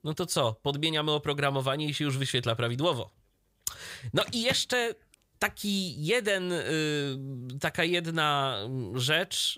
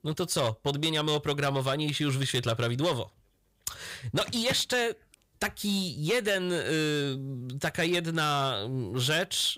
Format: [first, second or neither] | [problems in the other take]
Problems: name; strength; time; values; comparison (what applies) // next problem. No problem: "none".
first | distortion; slight; 6% of the sound clipped